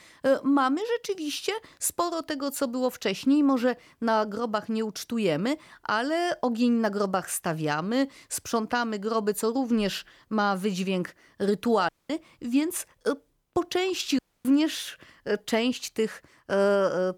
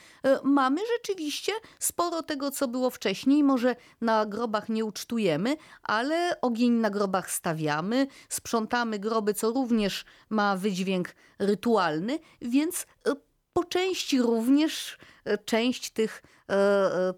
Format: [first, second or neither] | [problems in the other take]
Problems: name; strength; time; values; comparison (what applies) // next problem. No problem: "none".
second | audio cutting out; at 12 s and at 14 s